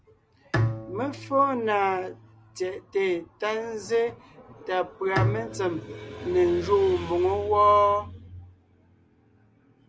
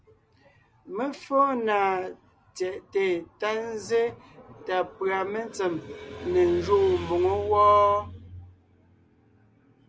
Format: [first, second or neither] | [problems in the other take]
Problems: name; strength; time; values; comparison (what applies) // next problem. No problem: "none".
second | background sound (Bowed string instrument); 8 dB below the speech